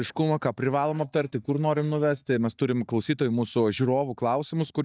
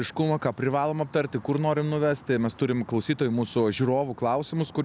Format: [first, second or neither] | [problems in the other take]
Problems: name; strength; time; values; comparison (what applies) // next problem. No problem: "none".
second | noise reduction (neural mask model DeepFilterNet 3)